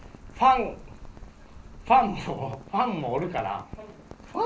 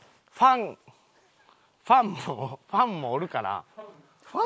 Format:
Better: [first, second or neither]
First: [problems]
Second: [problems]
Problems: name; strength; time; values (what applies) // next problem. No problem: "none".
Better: second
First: background sound (Rain); 17 dB below the speech // room echo; dies away in 0.3 s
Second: none